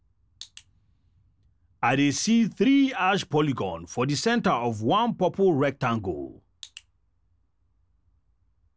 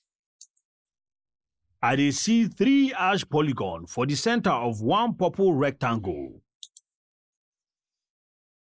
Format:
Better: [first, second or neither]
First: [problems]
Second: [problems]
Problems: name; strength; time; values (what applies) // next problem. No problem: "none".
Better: first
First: none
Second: noise reduction (neural mask model Resemble Enhance denoiser)